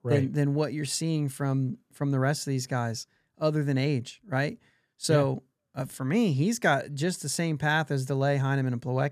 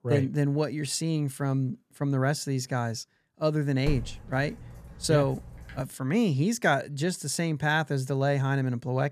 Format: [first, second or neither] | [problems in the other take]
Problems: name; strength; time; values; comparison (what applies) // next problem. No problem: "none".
first | dog barking; noticeable; from 4 to 6 s; peak 10 dB below the speech